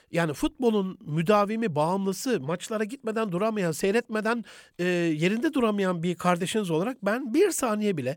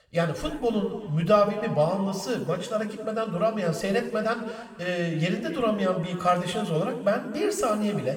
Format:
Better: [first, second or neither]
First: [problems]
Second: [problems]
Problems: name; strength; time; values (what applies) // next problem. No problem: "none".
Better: first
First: none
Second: room echo; slight; dies away in 1.9 s